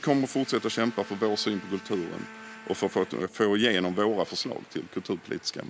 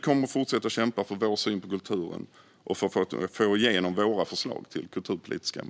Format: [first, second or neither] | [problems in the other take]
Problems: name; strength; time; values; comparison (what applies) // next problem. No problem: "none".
second | background sound (Domestic sounds, home sounds + Bowed string instrument); 19 dB below the speech